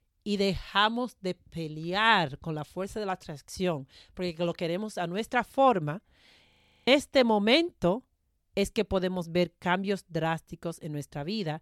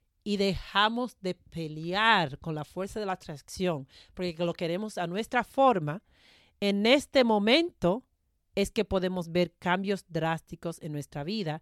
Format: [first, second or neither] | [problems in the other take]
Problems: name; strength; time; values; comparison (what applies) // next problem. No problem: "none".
second | audio freezing; at 6.5 s